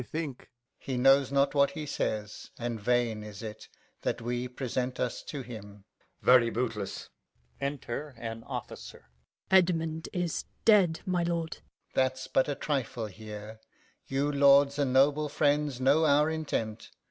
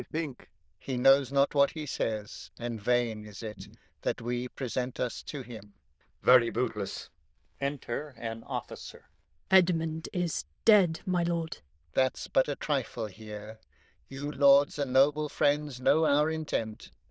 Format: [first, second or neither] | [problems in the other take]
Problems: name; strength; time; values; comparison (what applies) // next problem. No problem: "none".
first | noise reduction (neural diffusion model UNIVERSE++)